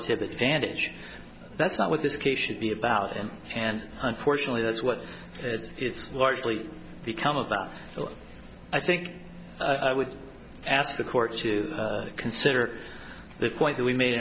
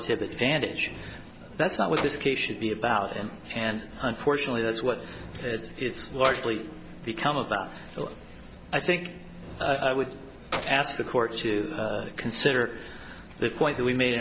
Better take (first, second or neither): first